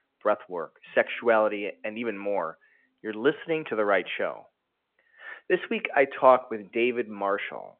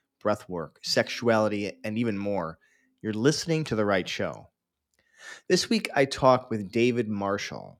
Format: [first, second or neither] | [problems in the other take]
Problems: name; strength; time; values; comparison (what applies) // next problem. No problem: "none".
second | phone-call audio